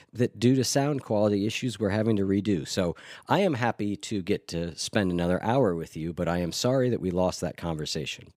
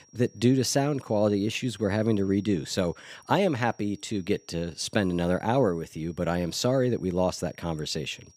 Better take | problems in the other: first | high-pitched whine; faint; throughout; 5.5 kHz, 30 dB below the speech

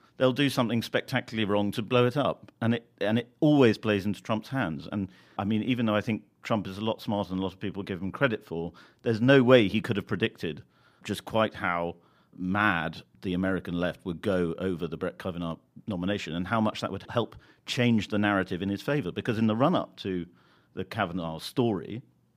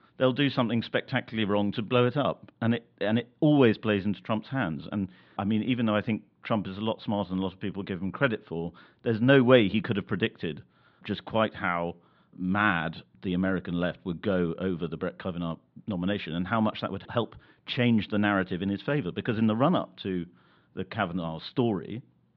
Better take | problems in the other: first | muffled; very slightly; fading above 4 kHz

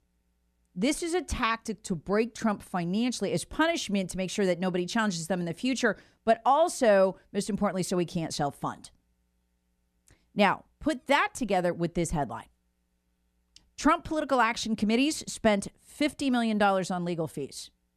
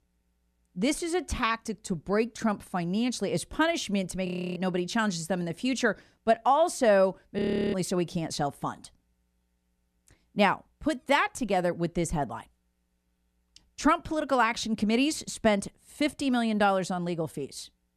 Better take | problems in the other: first | audio freezing; at 4.5 s and at 7.5 s

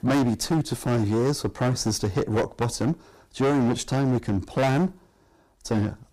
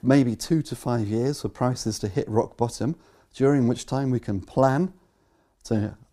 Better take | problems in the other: second | distortion; heavy; 17% of the sound clipped

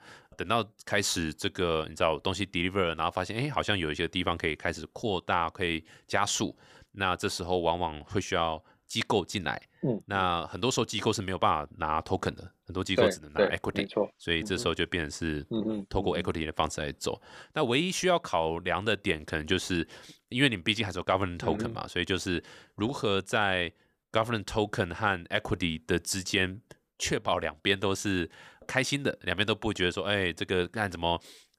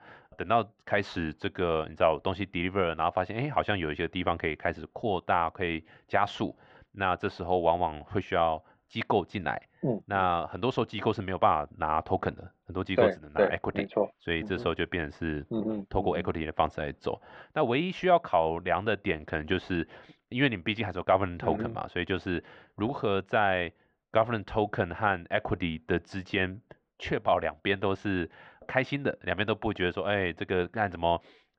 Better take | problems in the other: first | muffled; very; fading above 2.5 kHz

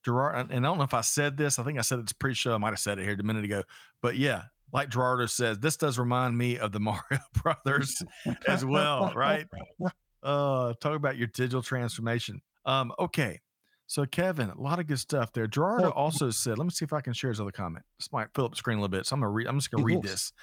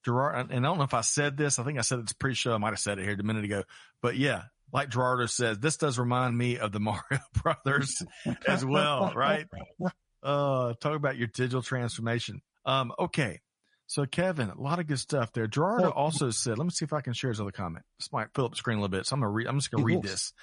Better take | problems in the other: first | garbled, watery; slightly; nothing above 10.5 kHz

